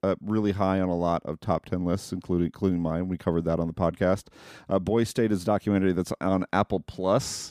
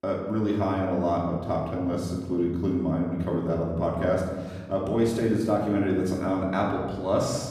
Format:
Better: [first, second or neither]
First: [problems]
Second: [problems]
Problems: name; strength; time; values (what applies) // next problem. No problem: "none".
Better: first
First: none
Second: off-mic speech; far // room echo; noticeable; dies away in 1.3 s